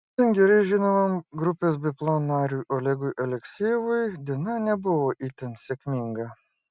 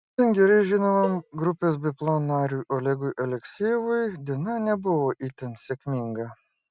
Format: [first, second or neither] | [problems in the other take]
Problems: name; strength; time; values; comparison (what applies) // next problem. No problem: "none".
first | background sound (Cowbell); 15 dB below the speech